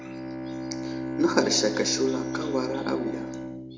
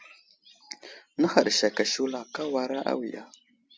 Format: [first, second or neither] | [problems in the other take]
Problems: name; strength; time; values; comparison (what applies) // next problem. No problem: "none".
second | background sound (Bowed string instrument); 4 dB below the speech // room echo; dies away in 0.6 s